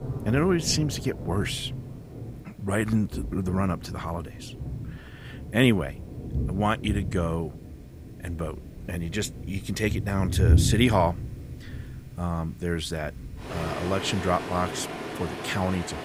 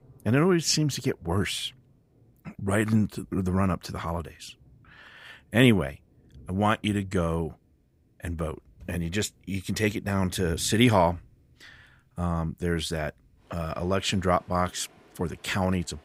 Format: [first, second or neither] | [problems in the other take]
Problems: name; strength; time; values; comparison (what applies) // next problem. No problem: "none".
second | rain or running water; loud; throughout; 5 dB below the speech; faint in the second